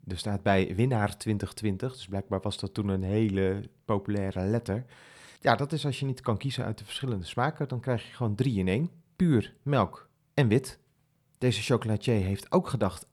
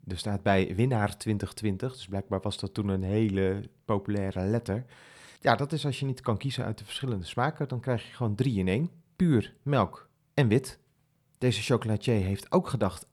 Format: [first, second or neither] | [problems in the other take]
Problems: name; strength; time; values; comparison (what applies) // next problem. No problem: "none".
neither | none